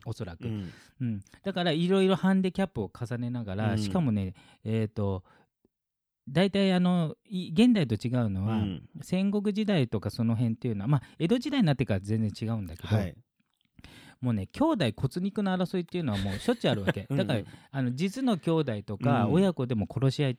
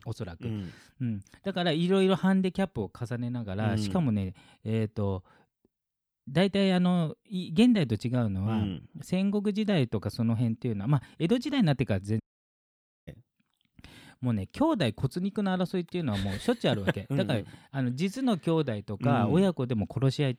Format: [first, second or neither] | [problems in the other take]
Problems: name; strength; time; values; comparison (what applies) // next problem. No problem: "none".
first | audio cutting out; at 12 s for 1 s